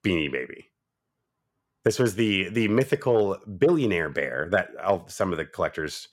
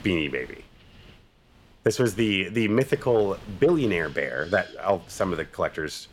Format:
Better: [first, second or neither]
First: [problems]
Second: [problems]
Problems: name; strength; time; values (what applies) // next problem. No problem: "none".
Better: first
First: none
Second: wind noise on the microphone; occasional gusts; 25 dB below the speech